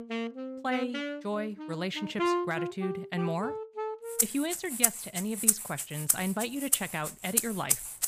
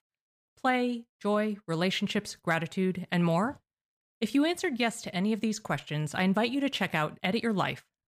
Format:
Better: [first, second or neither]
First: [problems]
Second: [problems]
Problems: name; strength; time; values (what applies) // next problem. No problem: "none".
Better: second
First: background music; very loud; throughout; 4 dB above the speech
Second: none